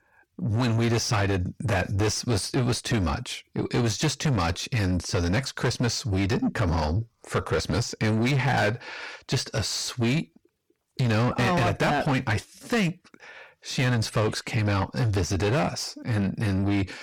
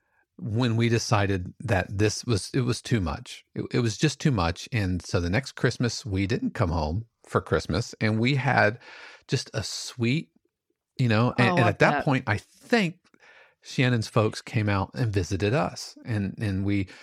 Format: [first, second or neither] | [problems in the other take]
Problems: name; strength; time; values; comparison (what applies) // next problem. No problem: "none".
second | distortion; heavy; 6 dB below the speech